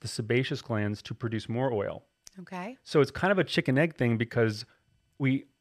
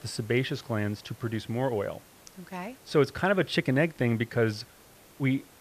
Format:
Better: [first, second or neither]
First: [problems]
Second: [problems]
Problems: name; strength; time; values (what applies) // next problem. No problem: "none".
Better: first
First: none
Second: hiss; faint; throughout; 25 dB below the speech